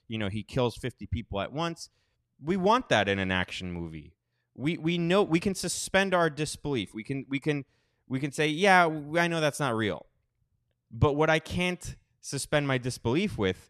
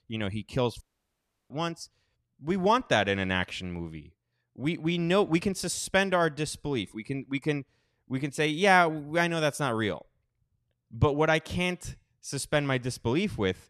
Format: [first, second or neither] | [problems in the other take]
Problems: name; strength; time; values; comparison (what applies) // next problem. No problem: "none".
first | audio cutting out; at 1 s for 0.5 s